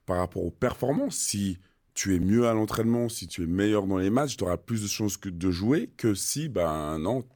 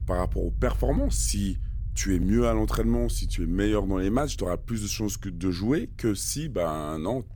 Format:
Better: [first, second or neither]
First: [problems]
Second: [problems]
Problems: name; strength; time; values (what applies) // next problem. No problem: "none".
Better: first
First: none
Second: low rumble; faint; throughout; 25 dB below the speech